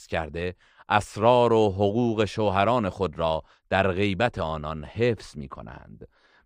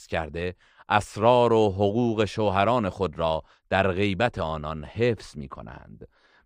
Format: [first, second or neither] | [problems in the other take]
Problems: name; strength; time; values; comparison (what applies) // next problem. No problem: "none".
neither | none